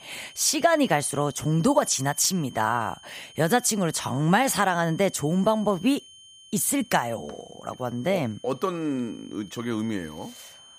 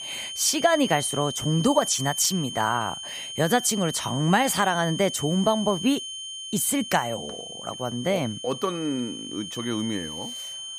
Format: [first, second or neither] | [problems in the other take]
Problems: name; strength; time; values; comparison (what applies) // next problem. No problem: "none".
first | high-pitched whine; loud; throughout; 3 kHz, 8 dB below the speech; faint in the first